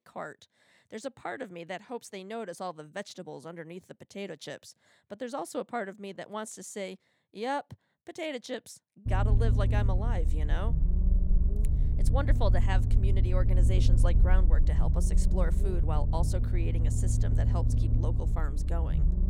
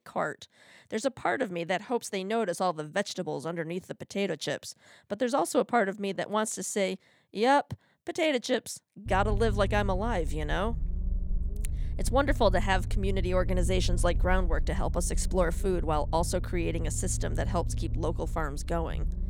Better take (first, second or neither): second